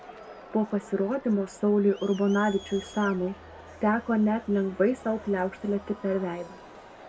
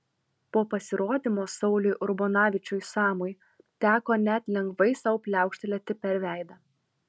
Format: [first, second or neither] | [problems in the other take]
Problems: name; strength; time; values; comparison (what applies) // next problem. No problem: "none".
second | background sound (Crowd); 18 dB below the speech // room echo; dies away in 0.2 s